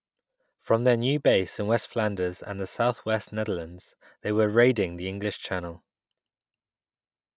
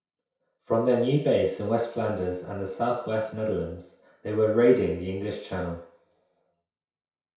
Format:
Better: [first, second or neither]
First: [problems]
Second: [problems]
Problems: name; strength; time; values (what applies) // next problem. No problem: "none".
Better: first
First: none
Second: room echo; dies away in 0.6 s